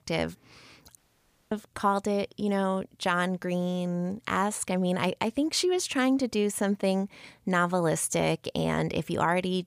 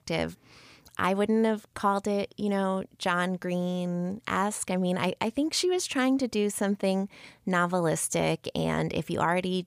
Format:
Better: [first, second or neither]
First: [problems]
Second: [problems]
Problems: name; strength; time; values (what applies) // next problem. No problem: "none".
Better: second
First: audio cutting out; at 1 s for 0.5 s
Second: none